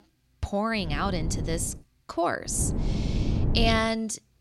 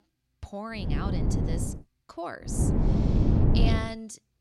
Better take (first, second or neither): first